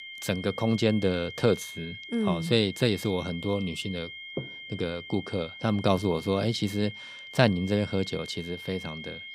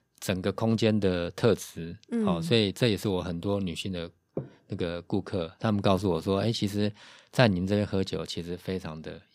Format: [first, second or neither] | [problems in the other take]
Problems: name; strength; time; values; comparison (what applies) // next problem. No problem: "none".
second | high-pitched whine; noticeable; throughout; 2 kHz, 10 dB below the speech